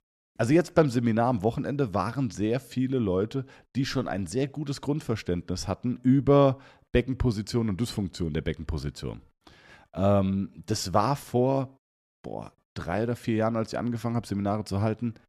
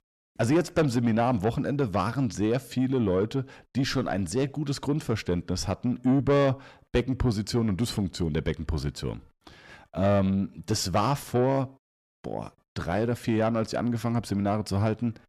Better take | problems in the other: first | distortion; slight; 10 dB below the speech

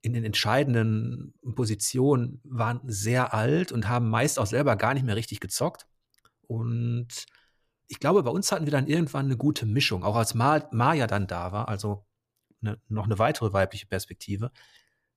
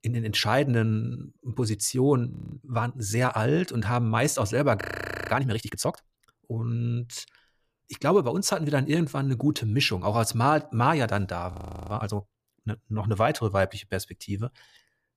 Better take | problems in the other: first | audio freezing; at 2.5 s, at 5 s and at 12 s

